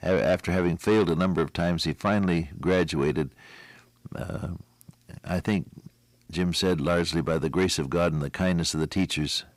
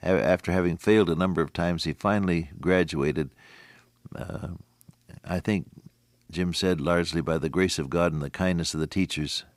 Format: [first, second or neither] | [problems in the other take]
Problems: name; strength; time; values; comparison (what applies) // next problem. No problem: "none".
second | distortion; slight; 10 dB below the speech